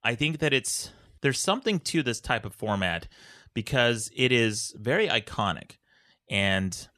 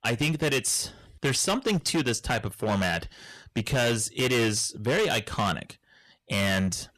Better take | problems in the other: first | distortion; heavy; 14% of the sound clipped

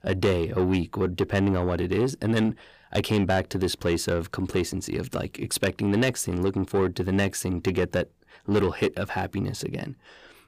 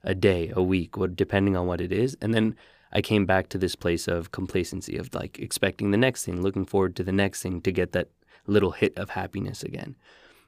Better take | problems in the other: second | distortion; slight; 10 dB below the speech

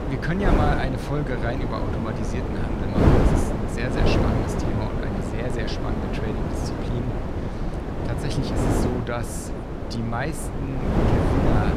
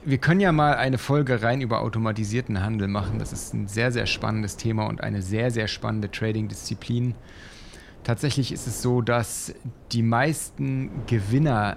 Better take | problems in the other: second | wind noise on the microphone; heavy; 3 dB above the speech; occasional gusts in the second

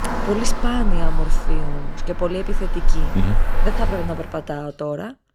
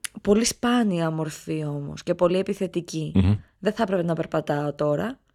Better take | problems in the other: second | traffic noise; loud; until 4 s; as loud as the speech

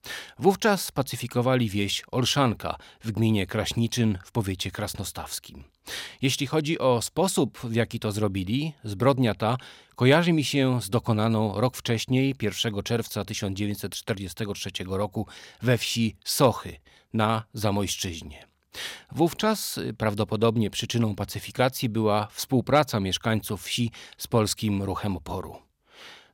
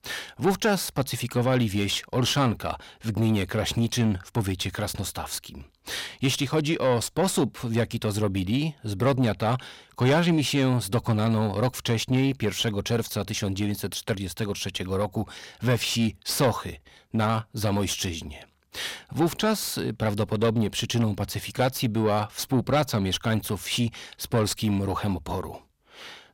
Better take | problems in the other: first | distortion; slight; 10 dB below the speech

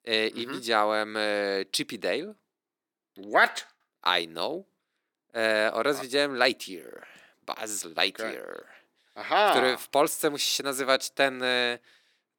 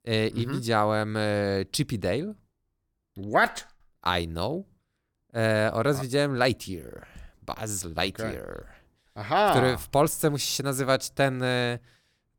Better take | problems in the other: second | thin; somewhat; fading below 300 Hz

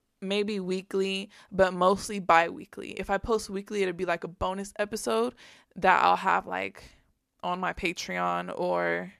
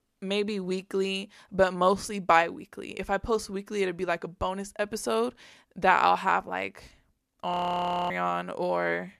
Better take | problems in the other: first | audio freezing; at 7.5 s for 0.5 s

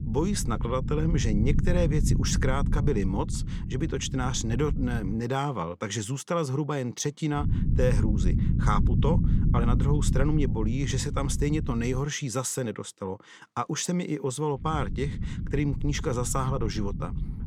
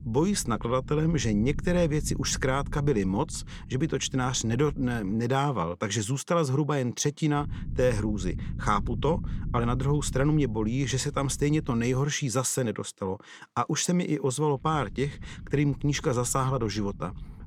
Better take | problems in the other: second | low rumble; loud; until 5 s, from 7.5 to 12 s and from 15 s on; 9 dB below the speech; faint in the second

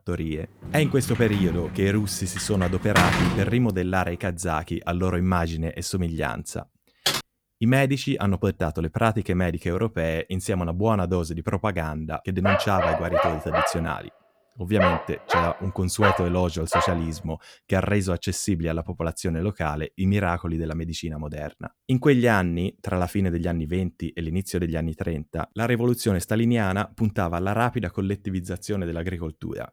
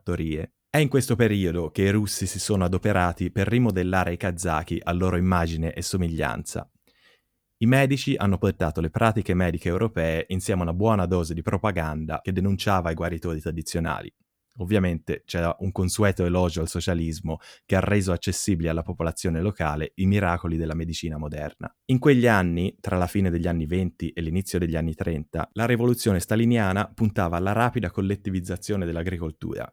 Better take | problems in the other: second | door banging; loud; from 0.5 to 3.5 s; peak 5 dB above the speech // keyboard typing; loud; at 7 s; peak 1 dB above the speech // dog barking; loud; from 12 to 17 s; peak 2 dB above the speech

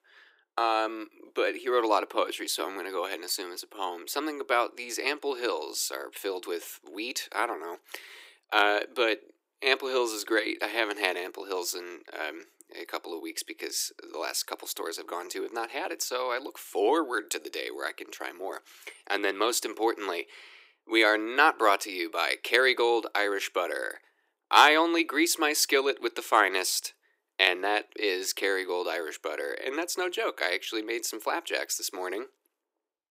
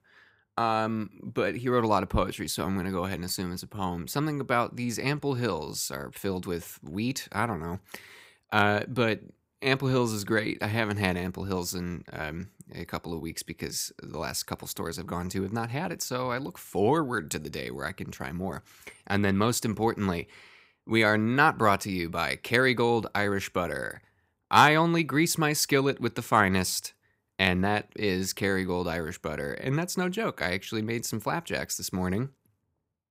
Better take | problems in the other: second | thin; very; fading below 300 Hz

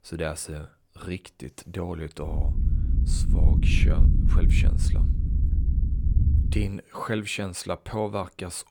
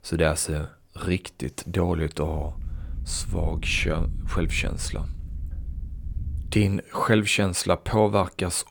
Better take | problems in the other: second | low rumble; loud; from 2.5 to 6.5 s; 6 dB below the speech; faint in the second

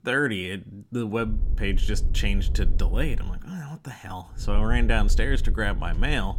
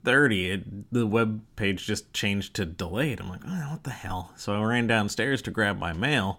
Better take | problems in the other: second | low rumble; noticeable; from 1.5 to 3.5 s and from 4.5 s on; 20 dB below the speech

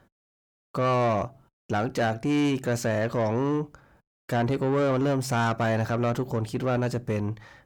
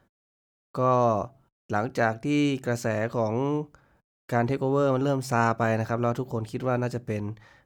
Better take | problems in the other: second | distortion; slight; 10 dB below the speech

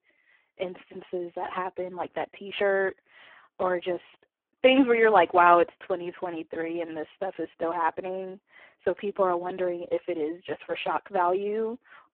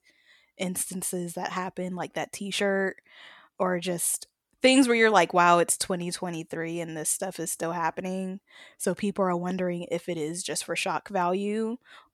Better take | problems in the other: second | phone-call audio; poor line

